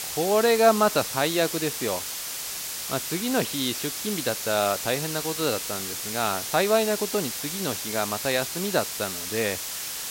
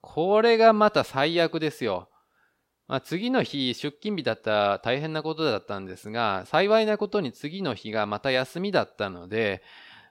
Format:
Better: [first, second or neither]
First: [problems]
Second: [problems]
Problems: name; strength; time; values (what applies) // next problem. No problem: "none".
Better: second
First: hiss; loud; throughout; 4 dB below the speech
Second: none